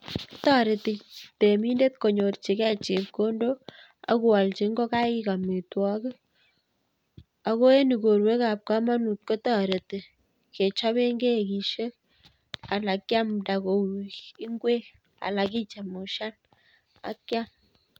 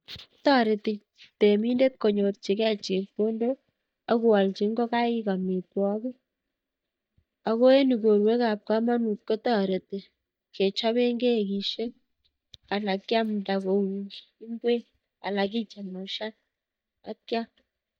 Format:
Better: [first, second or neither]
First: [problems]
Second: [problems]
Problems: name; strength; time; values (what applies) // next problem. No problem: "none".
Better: first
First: none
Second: noise reduction (neural mask model DeepFilterNet 3)